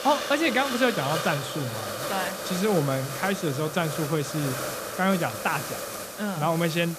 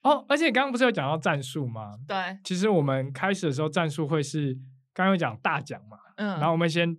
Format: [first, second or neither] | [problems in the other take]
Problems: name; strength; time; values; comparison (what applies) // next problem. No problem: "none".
second | hiss; loud; throughout; 5 dB below the speech